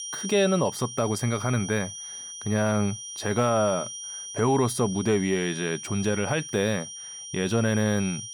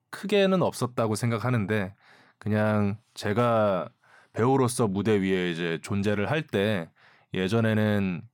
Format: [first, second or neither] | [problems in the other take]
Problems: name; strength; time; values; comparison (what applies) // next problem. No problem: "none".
second | high-pitched whine; loud; throughout; 5.5 kHz, 9 dB below the speech